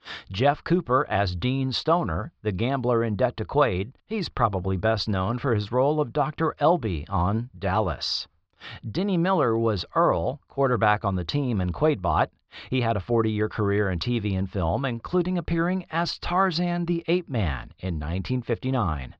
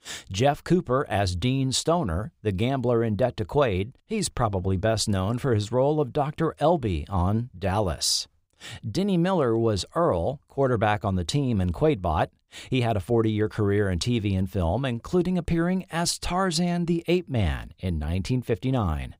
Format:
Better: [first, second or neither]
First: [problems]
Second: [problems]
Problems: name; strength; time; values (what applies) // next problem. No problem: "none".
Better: second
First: muffled; very slightly; fading above 4.5 kHz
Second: none